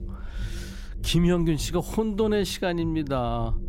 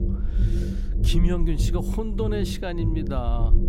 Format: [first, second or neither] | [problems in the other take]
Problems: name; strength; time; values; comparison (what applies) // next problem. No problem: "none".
first | low rumble; loud; throughout; 7 dB below the speech; faint in the first